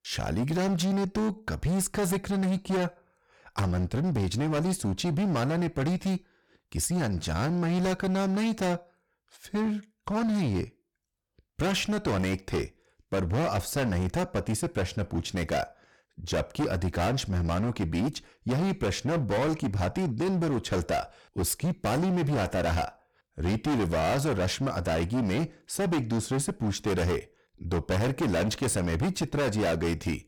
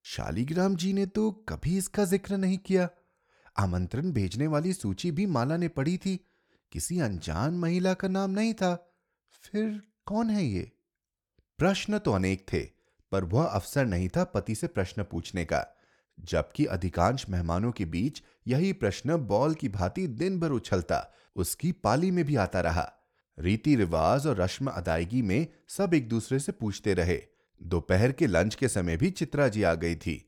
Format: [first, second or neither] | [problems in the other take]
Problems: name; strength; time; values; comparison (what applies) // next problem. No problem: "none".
second | distortion; heavy; 25% of the sound clipped